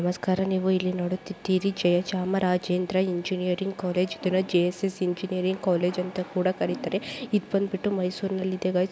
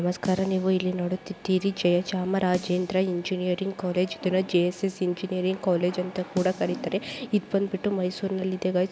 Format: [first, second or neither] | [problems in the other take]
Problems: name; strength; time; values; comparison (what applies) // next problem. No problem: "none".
first | background sound (Snare drum); 19 dB below the speech